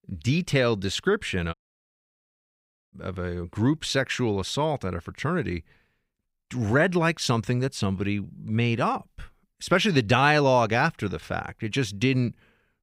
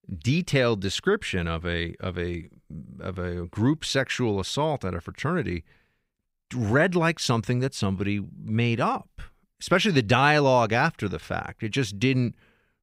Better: second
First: audio cutting out; at 1.5 s for 1.5 s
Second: none

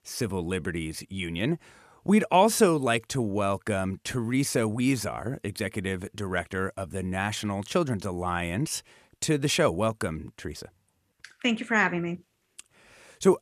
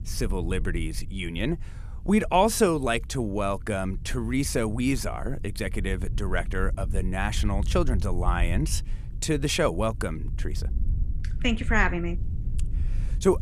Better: first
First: none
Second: low rumble; faint; throughout; 20 dB below the speech

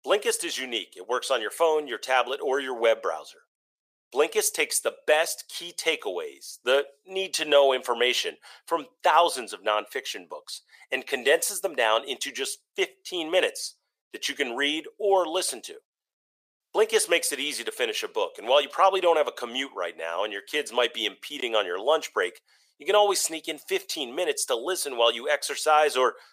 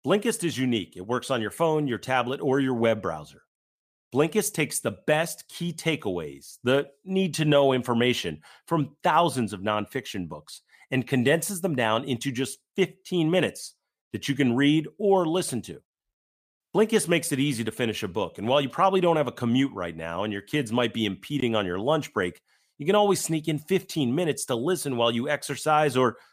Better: second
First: thin; very; fading below 450 Hz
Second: none

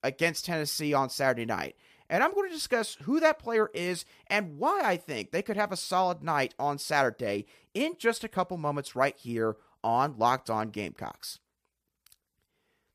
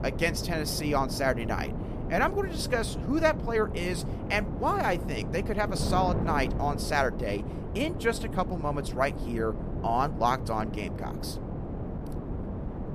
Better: first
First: none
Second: wind noise on the microphone; occasional gusts; 10 dB below the speech

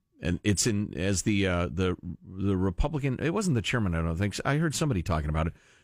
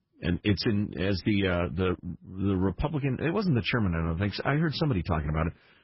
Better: first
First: none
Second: garbled, watery; badly; nothing above 5.5 kHz

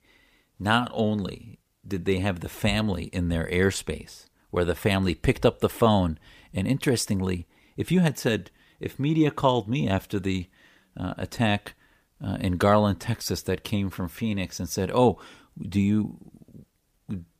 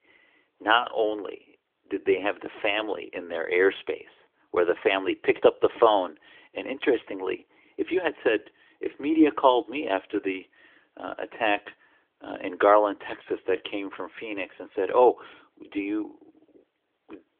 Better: first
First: none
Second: phone-call audio; nothing above 3.5 kHz

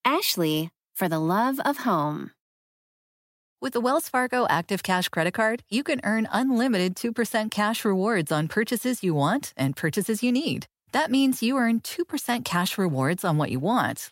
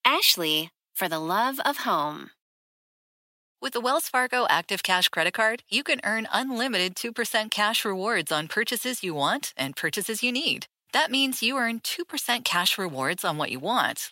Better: first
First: none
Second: thin; somewhat; fading below 800 Hz

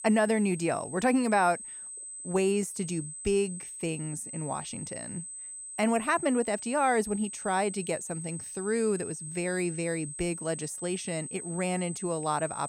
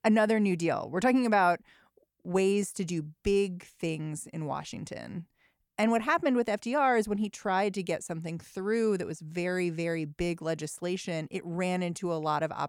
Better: second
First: high-pitched whine; loud; throughout; 8 kHz, 8 dB below the speech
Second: none

